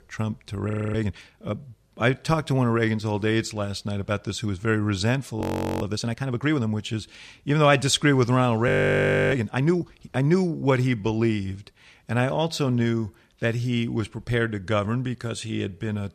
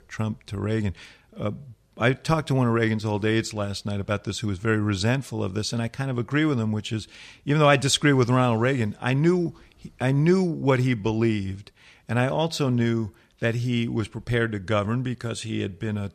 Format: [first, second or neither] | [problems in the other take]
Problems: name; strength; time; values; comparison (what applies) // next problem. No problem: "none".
second | audio freezing; at 0.5 s, at 5.5 s and at 8.5 s for 0.5 s